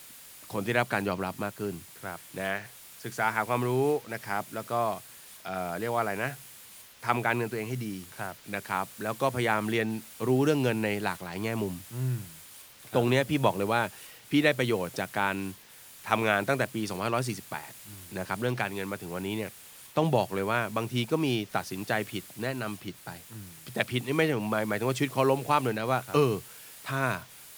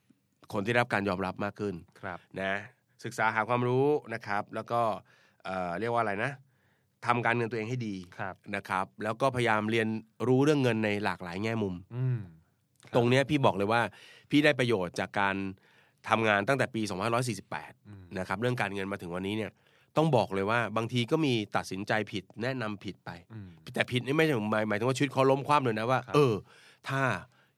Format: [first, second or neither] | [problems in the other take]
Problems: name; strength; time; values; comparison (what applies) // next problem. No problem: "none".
second | hiss; noticeable; throughout; 15 dB below the speech